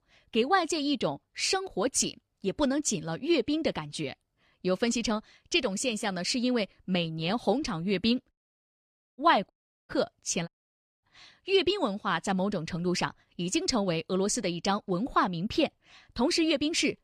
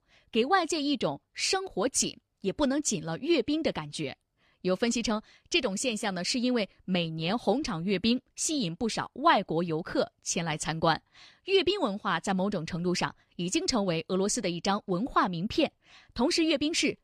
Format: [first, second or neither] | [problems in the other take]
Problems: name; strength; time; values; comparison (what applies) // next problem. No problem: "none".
second | audio cutting out; at 8.5 s for 1 s, at 9.5 s and at 10 s for 0.5 s